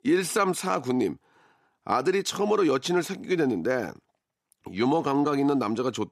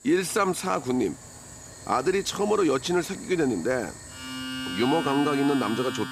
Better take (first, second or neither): first